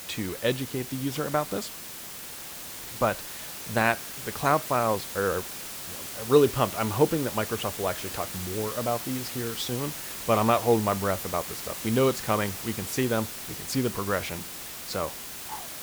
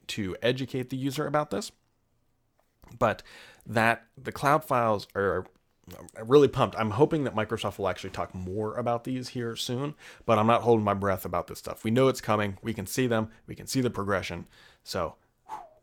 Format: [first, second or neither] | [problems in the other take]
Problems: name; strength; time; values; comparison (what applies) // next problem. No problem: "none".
second | hiss; loud; throughout; 7 dB below the speech